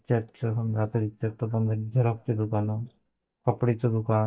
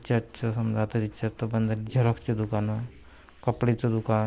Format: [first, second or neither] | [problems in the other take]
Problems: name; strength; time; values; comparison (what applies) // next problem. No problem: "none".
second | noise reduction (neural mask model DeepFilterNet 3)